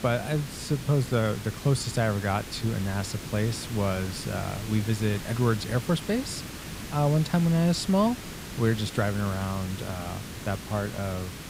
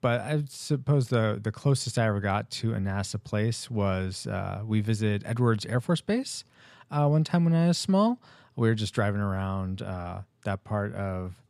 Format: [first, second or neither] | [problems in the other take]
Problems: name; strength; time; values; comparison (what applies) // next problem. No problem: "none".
second | hiss; noticeable; throughout; 10 dB below the speech